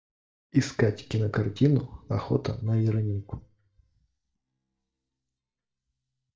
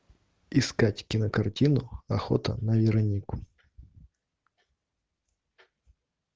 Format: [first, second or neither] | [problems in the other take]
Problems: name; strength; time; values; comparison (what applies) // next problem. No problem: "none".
second | noise reduction (neural mask model DeepFilterNet 3)